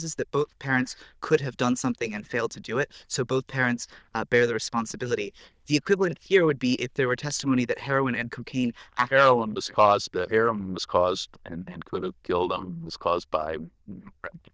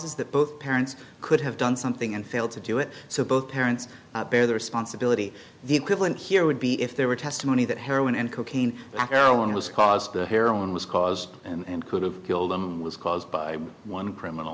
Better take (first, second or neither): second